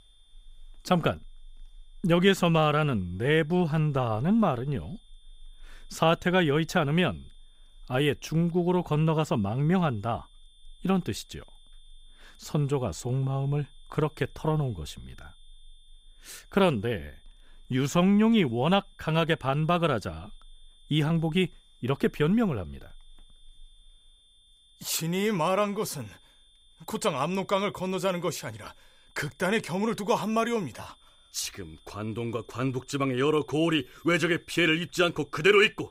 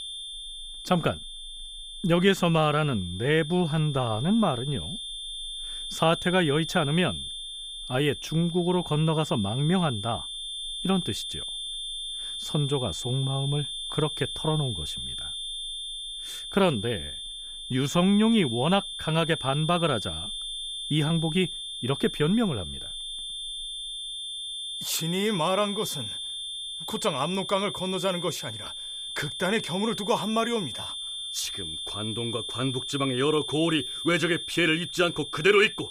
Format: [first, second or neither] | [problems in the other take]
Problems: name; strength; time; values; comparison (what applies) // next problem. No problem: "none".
first | high-pitched whine; loud; throughout; 3.5 kHz, 7 dB below the speech; faint in the first